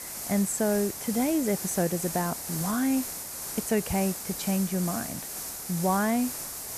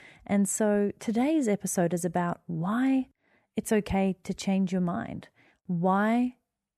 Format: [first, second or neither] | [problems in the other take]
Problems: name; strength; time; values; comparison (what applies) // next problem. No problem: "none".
second | hiss; loud; throughout; 5 dB below the speech